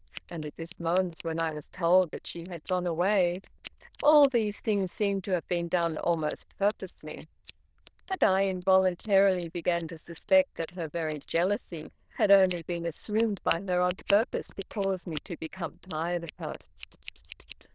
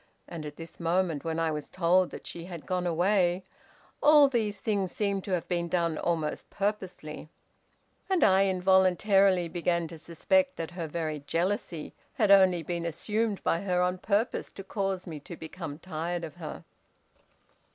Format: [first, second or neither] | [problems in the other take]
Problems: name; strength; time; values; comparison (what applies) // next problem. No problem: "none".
second | noise reduction (neural diffusion model UNIVERSE++)